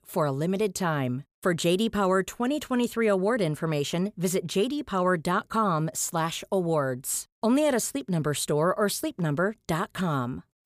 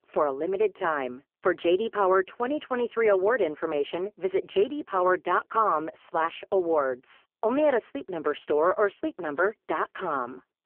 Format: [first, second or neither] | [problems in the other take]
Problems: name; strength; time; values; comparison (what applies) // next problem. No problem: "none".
first | phone-call audio; poor line; nothing above 3 kHz